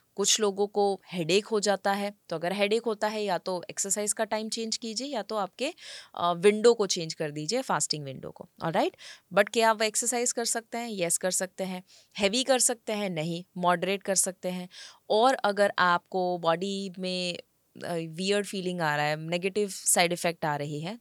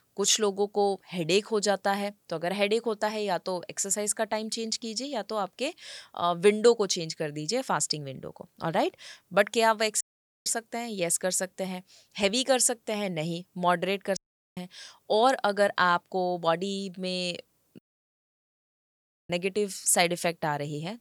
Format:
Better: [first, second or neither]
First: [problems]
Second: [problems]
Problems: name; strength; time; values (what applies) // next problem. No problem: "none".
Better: first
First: none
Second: audio cutting out; at 10 s, at 14 s and at 18 s for 1.5 s